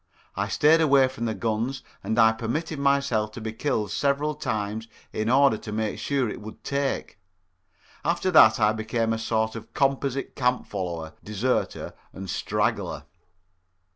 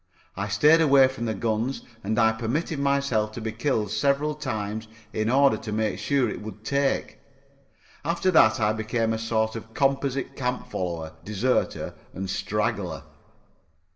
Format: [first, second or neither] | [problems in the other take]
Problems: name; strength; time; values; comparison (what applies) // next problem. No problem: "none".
first | room echo; dies away in 0.9 s